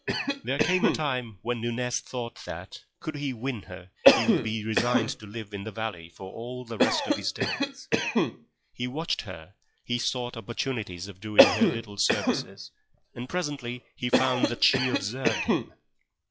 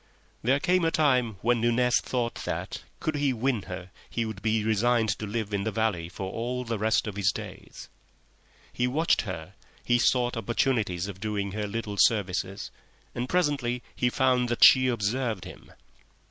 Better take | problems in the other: second | noise reduction (classical method log-MMSE)

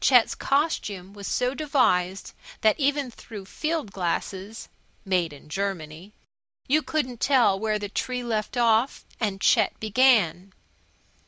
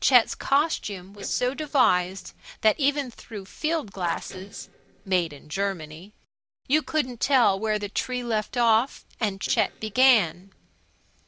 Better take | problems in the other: first | noise reduction (neural separator model SepFormer DNS4)

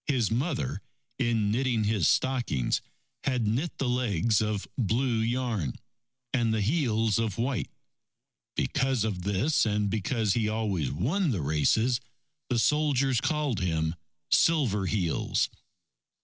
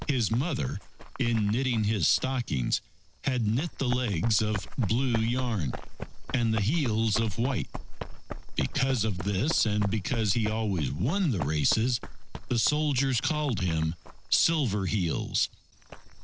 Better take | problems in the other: first | background sound (Run); 7 dB below the speech

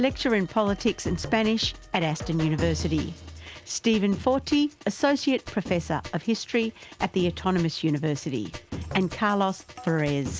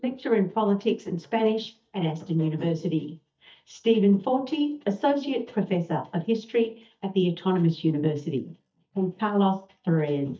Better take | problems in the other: first | noise reduction (neural mask model DeepFilterNet 3)

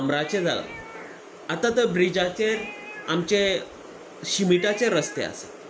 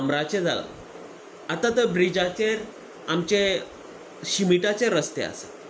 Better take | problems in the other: second | background sound (Cat); 18 dB below the speech

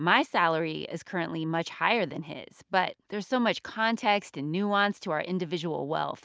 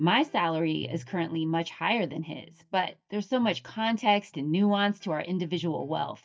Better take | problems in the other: first | noise reduction (neural mask model DeepFilterNet 3)

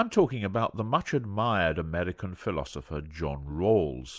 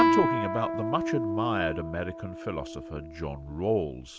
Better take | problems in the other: first | background sound (Guitar); 1 dB above the speech

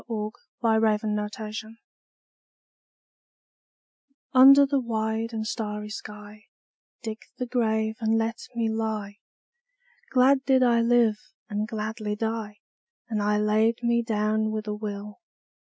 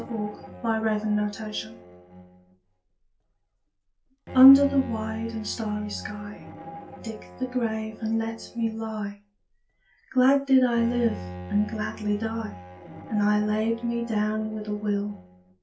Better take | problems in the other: first | background sound (Bowed string instrument); 15 dB below the speech // room echo; dies away in 0.2 s

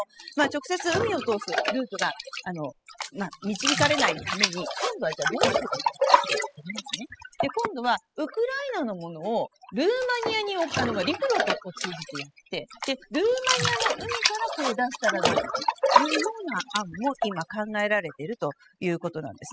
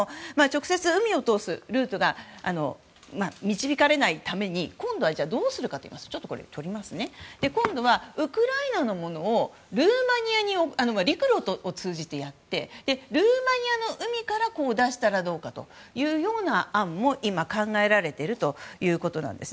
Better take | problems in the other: second | noise reduction (classical method spectral subtraction)

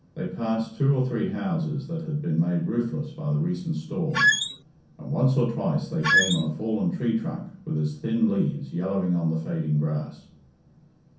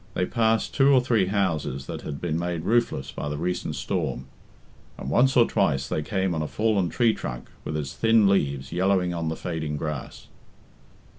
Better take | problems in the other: second | background sound (Squeak); 4 dB above the speech // room echo; dies away in 0.6 s

